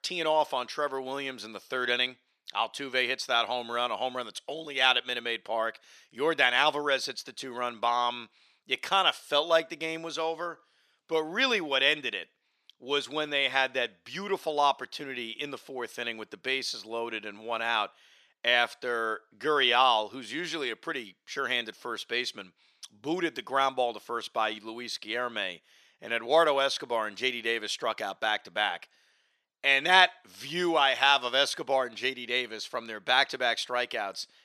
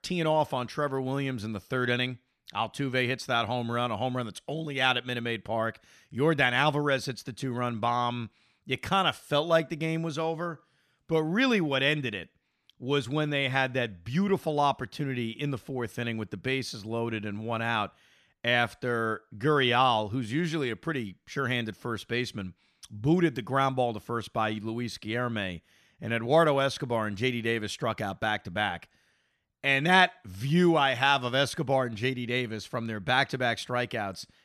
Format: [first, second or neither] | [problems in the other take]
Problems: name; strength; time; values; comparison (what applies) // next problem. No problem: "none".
second | thin; somewhat; fading below 450 Hz